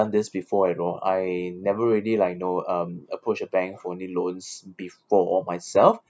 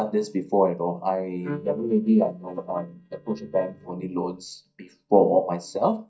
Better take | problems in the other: first | noise reduction (neural mask model DeepFilterNet 3)

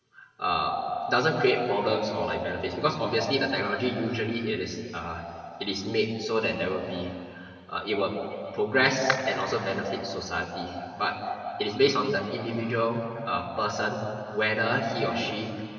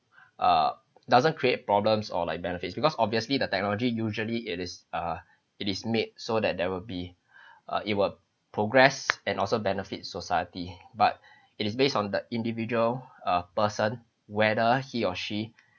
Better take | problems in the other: second | room echo; dies away in 2.8 s

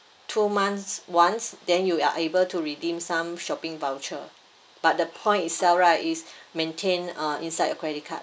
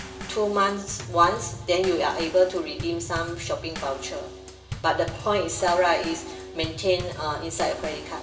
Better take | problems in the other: first | background sound (Bass drum / Snare drum / Drum kit); 11 dB below the speech // room echo; dies away in 0.7 s

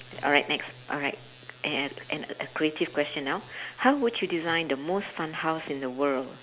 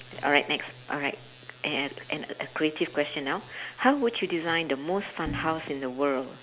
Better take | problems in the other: first | background sound (Bowed string instrument); 11 dB below the speech

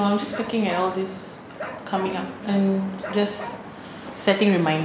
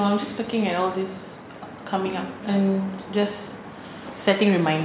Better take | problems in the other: second | background sound (Bark); 14 dB below the speech

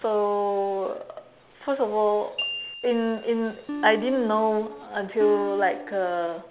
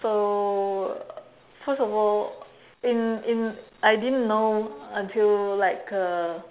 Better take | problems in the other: second | background sound (Glockenspiel + Acoustic guitar); 11 dB below the speech

